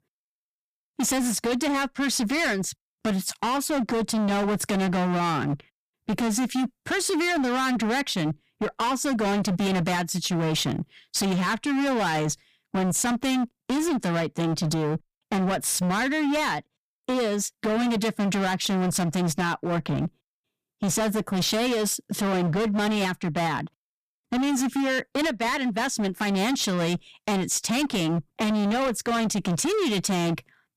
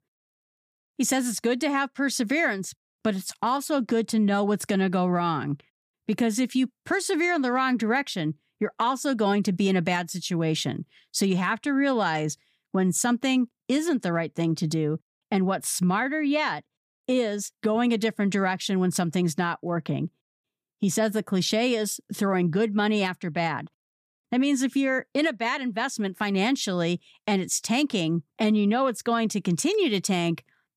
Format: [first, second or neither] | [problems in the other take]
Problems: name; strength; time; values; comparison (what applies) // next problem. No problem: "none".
second | distortion; heavy; 32% of the sound clipped